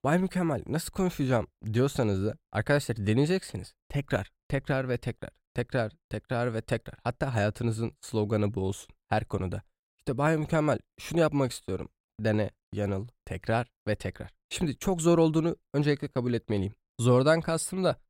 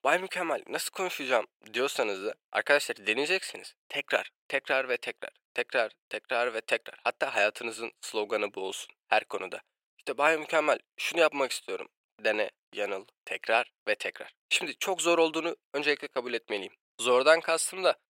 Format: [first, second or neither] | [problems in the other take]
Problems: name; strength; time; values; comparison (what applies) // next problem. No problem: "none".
first | thin; very; fading below 450 Hz